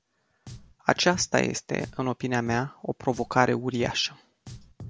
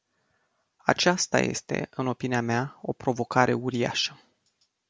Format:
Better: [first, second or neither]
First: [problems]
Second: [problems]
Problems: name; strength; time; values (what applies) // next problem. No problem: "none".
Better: second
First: background sound (Drum); 19 dB below the speech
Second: none